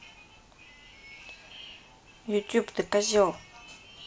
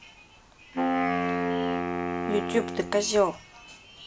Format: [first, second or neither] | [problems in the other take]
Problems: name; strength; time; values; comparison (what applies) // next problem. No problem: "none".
first | background sound (Wind instrument, woodwind instrument); 1 dB above the speech